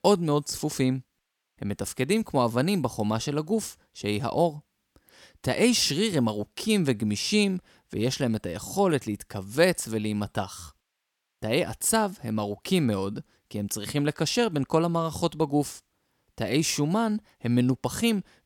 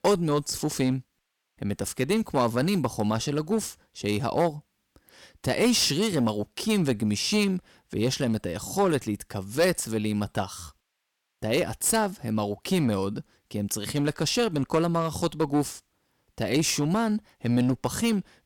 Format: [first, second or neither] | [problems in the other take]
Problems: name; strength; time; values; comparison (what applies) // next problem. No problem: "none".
first | distortion; slight; 4% of the sound clipped